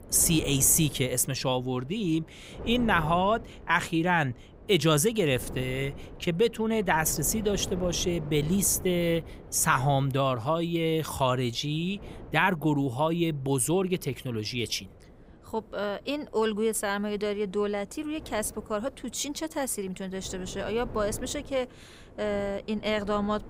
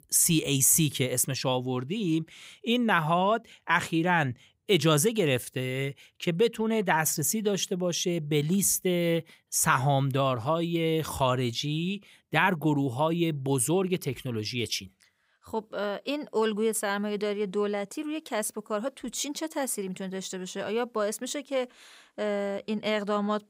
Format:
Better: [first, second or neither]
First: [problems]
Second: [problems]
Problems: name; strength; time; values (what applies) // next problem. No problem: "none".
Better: second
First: wind noise on the microphone; occasional gusts; 20 dB below the speech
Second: none